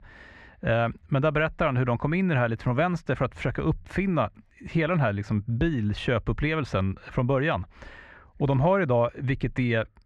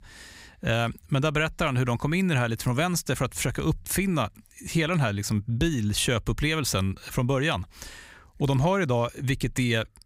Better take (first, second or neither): second